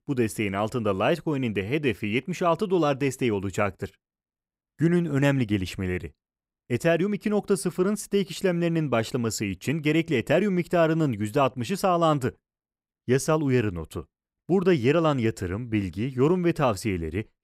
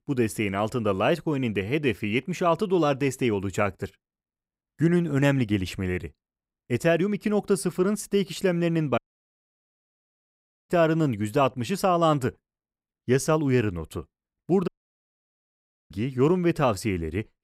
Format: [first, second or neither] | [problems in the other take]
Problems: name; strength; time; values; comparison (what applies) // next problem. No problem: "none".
first | audio cutting out; at 9 s for 1.5 s and at 15 s for 1 s